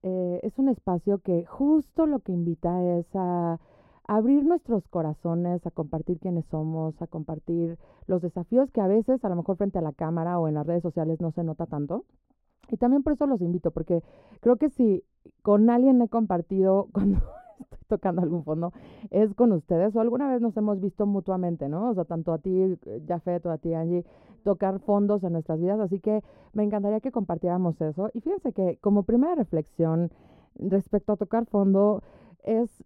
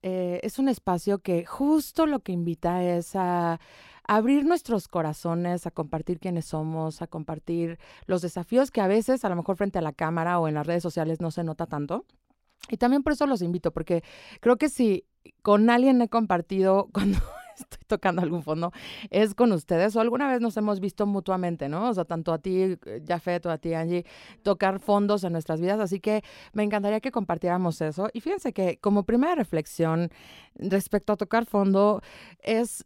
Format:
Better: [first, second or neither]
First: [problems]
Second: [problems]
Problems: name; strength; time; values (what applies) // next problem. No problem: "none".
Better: second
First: muffled; very; fading above 1.5 kHz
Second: none